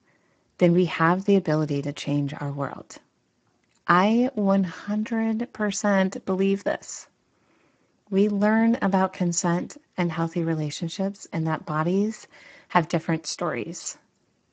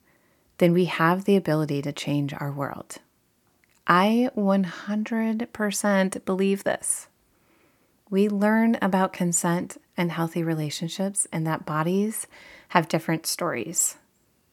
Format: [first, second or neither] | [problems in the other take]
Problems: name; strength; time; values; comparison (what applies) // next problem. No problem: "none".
second | garbled, watery; badly; nothing above 7.5 kHz